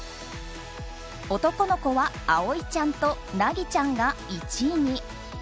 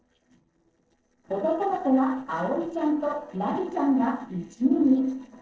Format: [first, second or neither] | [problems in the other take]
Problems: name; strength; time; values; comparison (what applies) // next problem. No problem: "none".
first | noise reduction (neural separator model SepFormer DNS4)